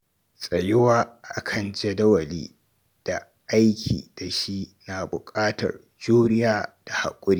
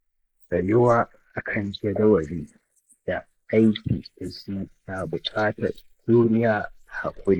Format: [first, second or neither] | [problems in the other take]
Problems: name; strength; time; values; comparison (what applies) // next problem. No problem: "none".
first | noise reduction (neural mask model Resemble Enhance denoiser)